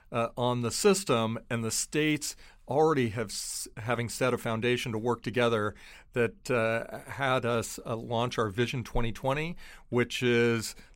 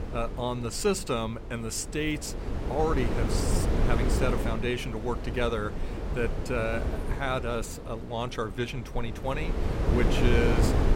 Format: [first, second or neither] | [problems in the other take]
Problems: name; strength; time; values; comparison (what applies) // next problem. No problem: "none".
first | wind noise on the microphone; heavy; 4 dB below the speech